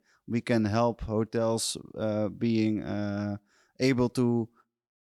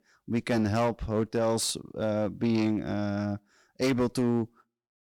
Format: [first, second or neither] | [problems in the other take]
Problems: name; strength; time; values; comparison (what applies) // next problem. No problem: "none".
first | distortion; slight; 10% of the sound clipped